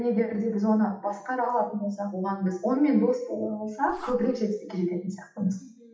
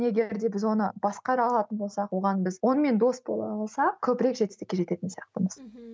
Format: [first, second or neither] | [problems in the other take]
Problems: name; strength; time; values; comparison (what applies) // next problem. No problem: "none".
second | noise reduction (classical method WPE with log-MMSE)